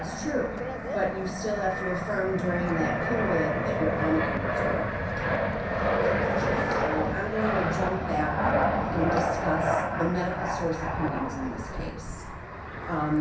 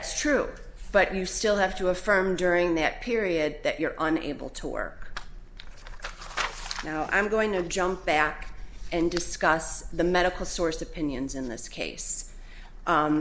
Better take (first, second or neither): second